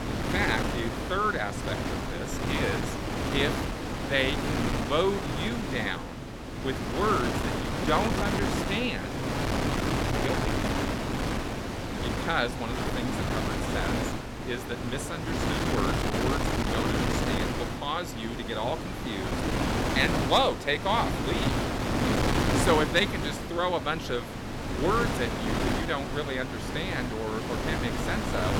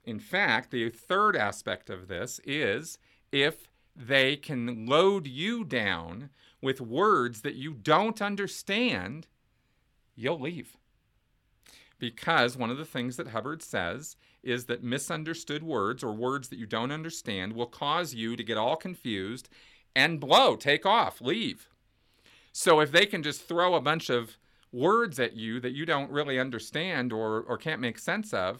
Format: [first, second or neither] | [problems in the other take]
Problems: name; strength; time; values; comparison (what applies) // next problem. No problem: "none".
second | wind noise on the microphone; heavy; 1 dB below the speech